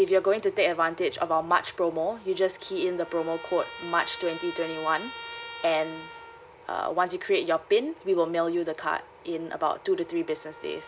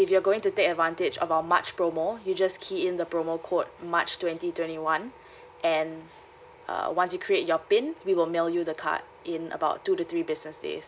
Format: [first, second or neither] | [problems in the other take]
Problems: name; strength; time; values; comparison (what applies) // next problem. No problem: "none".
second | background sound (Trumpet); 18 dB below the speech